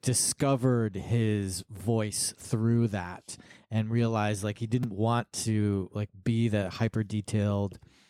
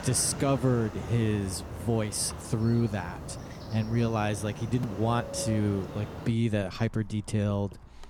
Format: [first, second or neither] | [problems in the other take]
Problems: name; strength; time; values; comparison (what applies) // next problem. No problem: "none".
first | traffic noise; noticeable; throughout; 10 dB below the speech